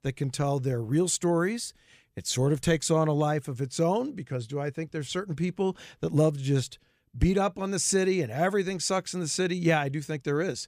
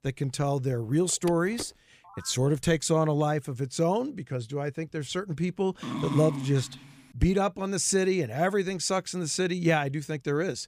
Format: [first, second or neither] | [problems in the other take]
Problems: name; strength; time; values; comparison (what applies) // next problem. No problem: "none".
first | phone ringing; faint; from 1 to 2.5 s; peak 15 dB below the speech // dog barking; noticeable; at 6 s; peak 5 dB below the speech